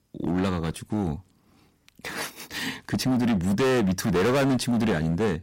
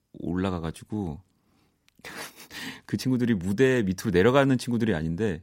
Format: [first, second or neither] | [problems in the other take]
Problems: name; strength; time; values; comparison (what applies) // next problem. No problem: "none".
second | distortion; heavy; 17% of the sound clipped